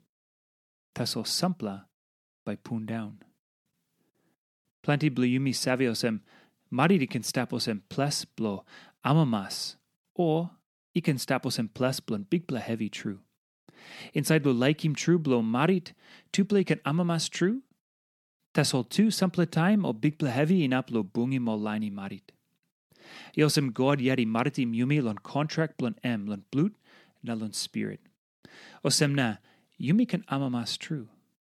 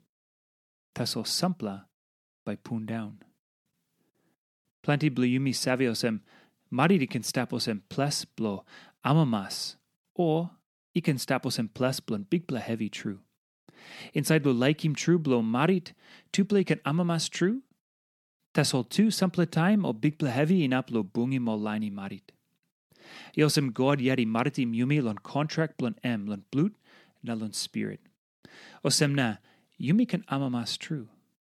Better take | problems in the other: neither | none

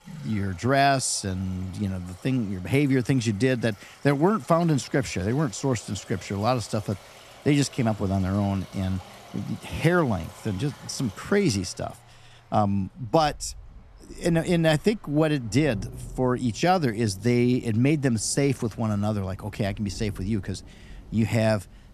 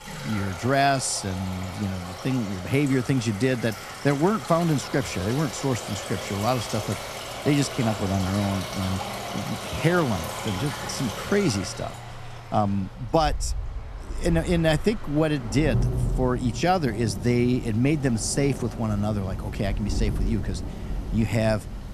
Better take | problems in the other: first | rain or running water; loud; throughout; 8 dB below the speech; faint in the first

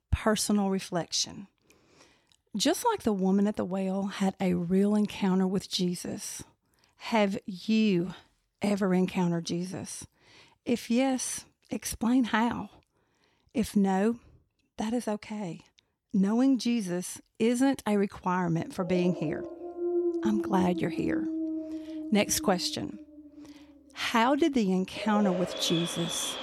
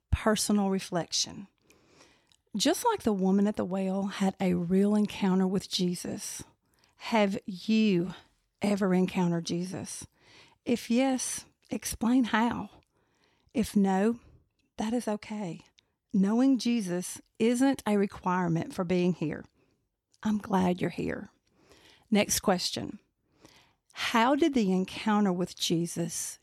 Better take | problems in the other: second | animal sounds; loud; from 19 s on; 6 dB below the speech

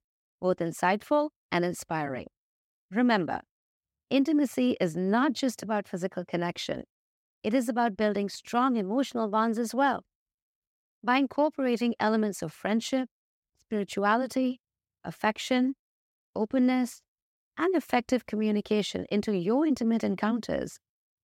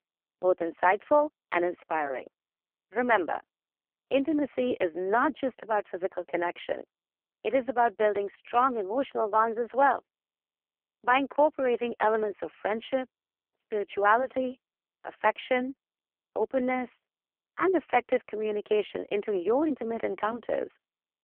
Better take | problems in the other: first | phone-call audio; poor line

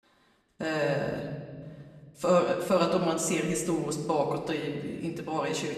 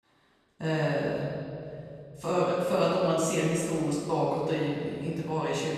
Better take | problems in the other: first | room echo; strong; dies away in 2.6 s; slight in the first // off-mic speech; far; far in the first

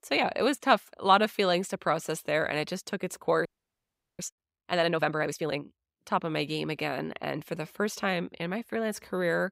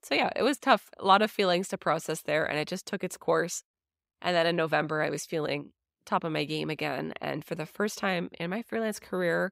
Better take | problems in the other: second | audio freezing; at 3.5 s for 0.5 s

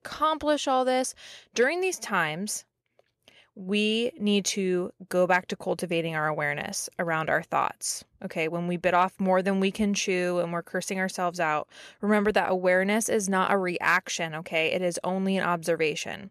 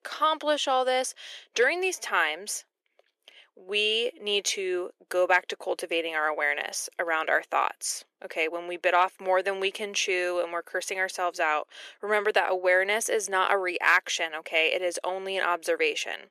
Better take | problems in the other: first | thin; very; fading below 350 Hz

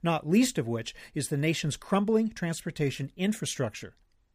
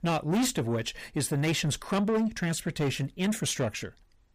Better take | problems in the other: first | distortion; heavy; 8 dB below the speech

